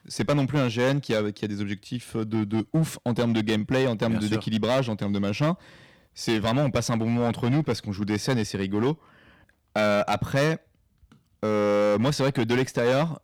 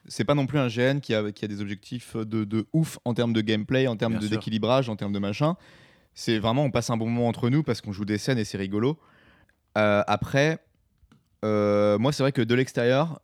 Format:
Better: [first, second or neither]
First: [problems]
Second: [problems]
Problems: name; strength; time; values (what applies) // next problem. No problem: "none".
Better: second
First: distortion; slight; 8% of the sound clipped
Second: none